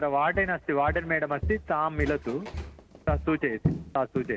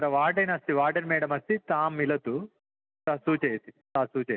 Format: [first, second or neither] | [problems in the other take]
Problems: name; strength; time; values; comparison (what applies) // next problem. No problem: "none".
second | background sound (Walk, footsteps); 6 dB below the speech